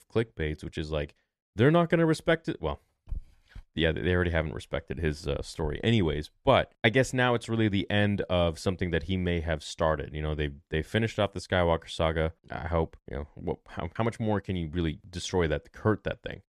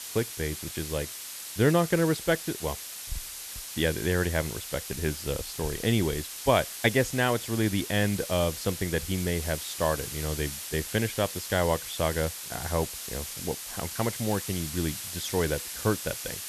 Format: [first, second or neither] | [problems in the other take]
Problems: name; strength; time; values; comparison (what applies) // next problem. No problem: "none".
first | hiss; loud; throughout; 7 dB below the speech